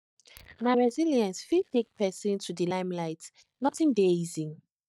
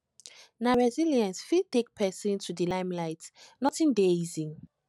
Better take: second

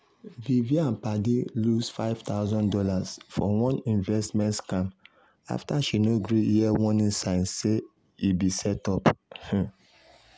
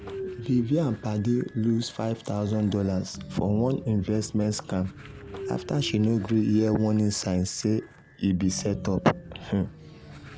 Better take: first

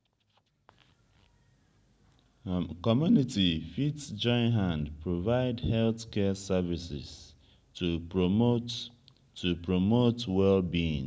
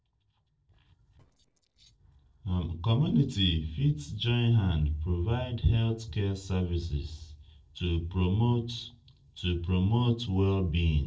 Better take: first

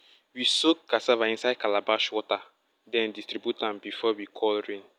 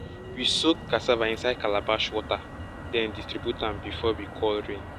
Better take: first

